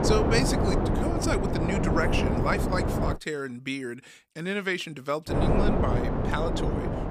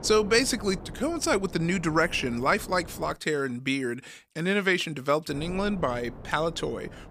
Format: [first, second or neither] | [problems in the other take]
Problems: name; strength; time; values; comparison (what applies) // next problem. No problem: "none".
second | wind noise on the microphone; heavy; until 3 s and from 5.5 s on; as loud as the speech; occasional gusts in the second